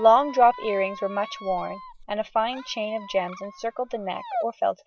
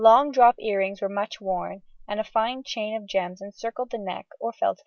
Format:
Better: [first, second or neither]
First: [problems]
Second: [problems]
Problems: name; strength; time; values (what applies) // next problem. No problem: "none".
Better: second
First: background sound (Squeak); 14 dB below the speech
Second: none